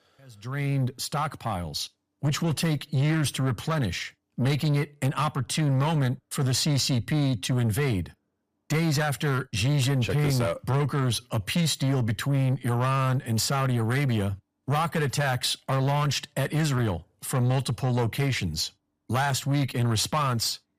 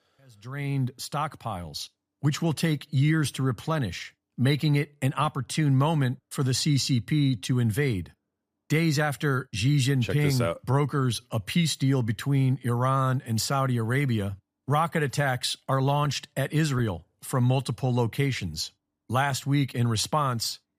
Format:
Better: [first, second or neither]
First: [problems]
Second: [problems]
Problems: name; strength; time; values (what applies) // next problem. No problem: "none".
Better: second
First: distortion; slight; 10 dB below the speech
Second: none